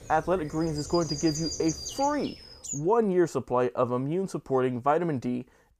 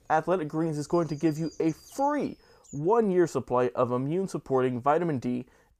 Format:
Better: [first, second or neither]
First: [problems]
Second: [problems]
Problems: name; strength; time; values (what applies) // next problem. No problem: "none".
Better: second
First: animal sounds; loud; until 2.5 s; 9 dB below the speech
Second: animal sounds; faint; until 2.5 s; 25 dB below the speech